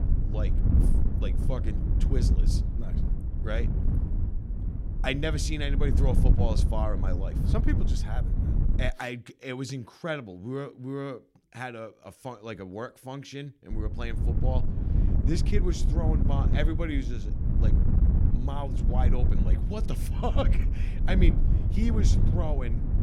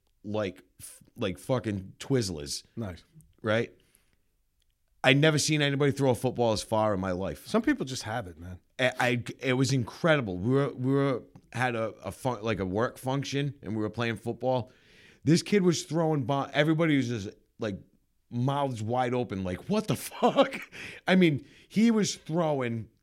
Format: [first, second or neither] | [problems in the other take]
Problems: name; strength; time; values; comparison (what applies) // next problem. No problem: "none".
second | wind noise on the microphone; heavy; until 9 s and from 14 s on; 5 dB below the speech